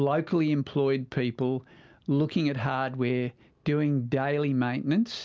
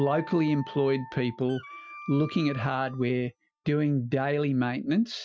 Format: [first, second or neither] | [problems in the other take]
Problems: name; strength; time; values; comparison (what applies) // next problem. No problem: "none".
first | noise reduction (classical method Wiener filter)